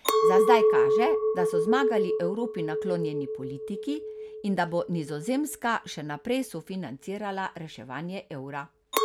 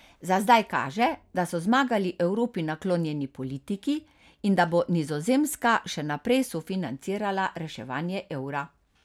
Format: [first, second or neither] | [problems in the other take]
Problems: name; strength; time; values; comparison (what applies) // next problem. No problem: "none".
second | background sound (Chink, clink); 3 dB above the speech